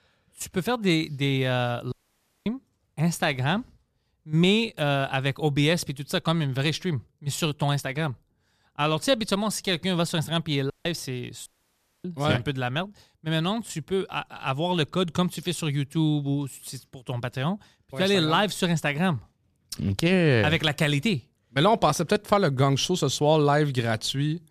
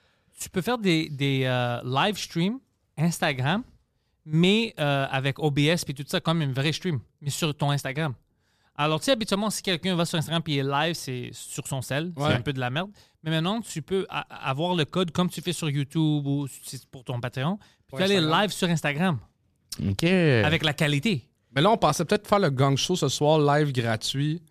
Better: second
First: audio cutting out; at 2 s for 0.5 s and at 11 s for 0.5 s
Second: none

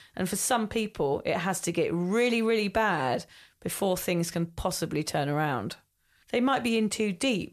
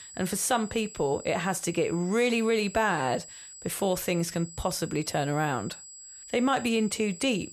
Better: first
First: none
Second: high-pitched whine; noticeable; throughout; 7.5 kHz, 15 dB below the speech

